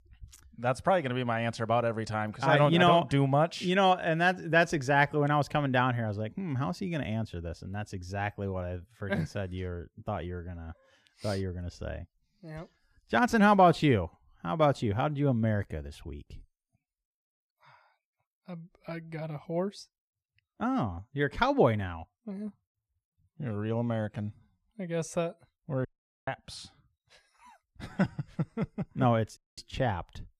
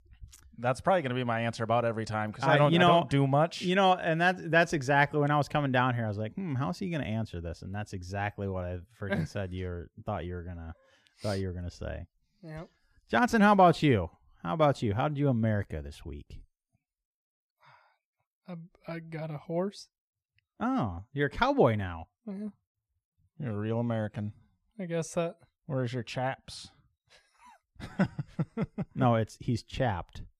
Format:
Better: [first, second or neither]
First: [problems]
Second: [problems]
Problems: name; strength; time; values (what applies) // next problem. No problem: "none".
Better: second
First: audio cutting out; at 26 s and at 29 s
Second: none